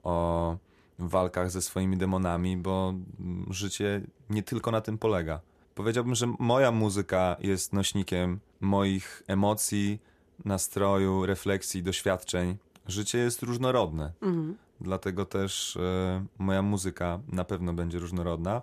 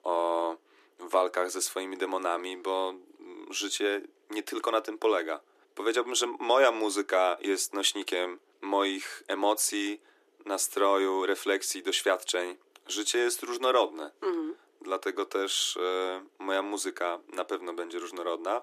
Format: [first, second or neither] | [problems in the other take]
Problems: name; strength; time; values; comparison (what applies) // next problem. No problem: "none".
first | thin; very; fading below 300 Hz